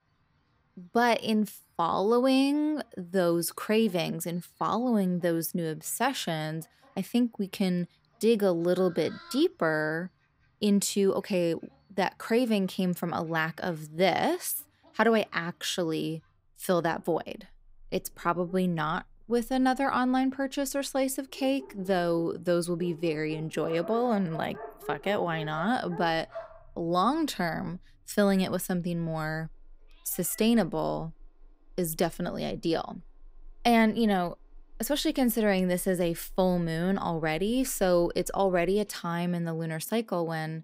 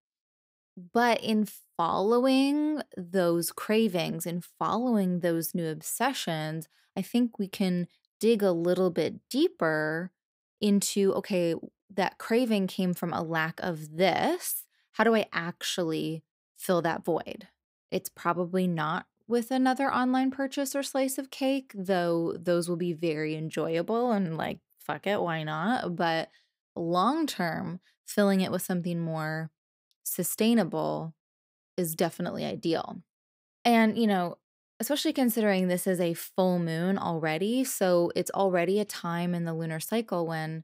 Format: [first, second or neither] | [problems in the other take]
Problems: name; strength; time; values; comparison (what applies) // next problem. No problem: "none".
second | animal sounds; faint; throughout; 20 dB below the speech